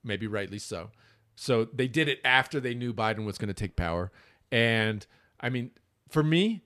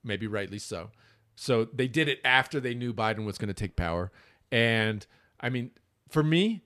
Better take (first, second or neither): neither